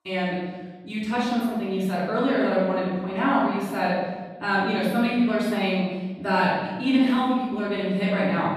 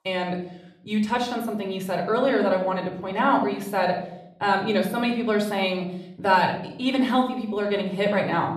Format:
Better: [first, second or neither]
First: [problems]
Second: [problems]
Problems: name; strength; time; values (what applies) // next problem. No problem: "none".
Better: second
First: room echo; strong; dies away in 1.4 s // off-mic speech; far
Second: room echo; slight; dies away in 0.6 s // off-mic speech; somewhat distant